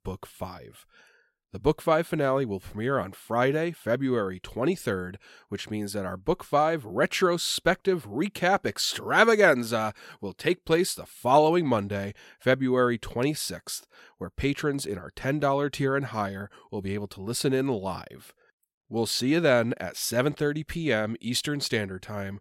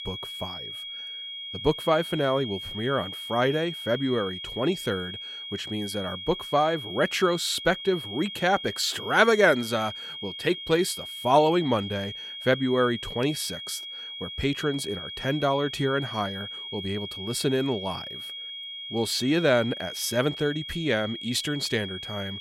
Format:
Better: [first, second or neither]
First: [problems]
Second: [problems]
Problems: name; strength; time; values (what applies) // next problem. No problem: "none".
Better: first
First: none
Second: high-pitched whine; loud; throughout; 3.5 kHz, 9 dB below the speech